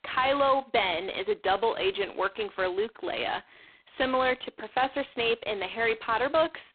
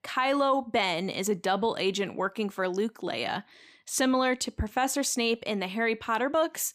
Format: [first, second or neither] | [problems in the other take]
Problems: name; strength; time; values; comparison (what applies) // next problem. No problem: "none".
second | phone-call audio; poor line; nothing above 3.5 kHz